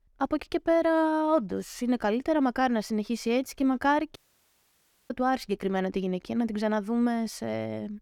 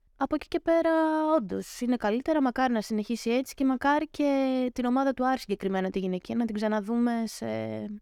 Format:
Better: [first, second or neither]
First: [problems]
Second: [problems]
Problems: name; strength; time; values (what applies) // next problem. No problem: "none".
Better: second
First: audio cutting out; at 4 s for 1 s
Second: none